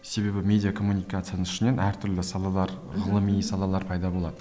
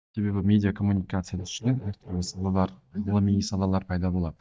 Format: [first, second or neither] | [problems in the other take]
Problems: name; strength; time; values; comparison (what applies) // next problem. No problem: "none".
first | noise reduction (neural mask model DeepFilterNet 3)